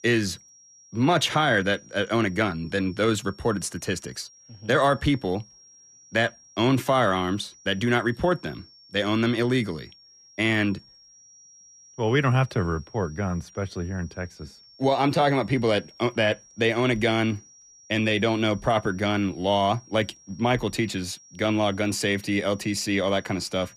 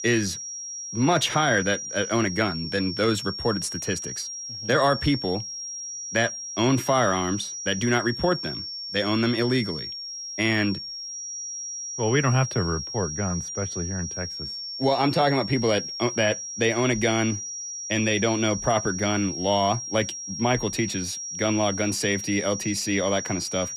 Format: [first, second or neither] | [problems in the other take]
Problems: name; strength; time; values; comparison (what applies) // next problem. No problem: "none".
first | high-pitched whine; loud; throughout; 5.5 kHz, 7 dB below the speech; faint in the first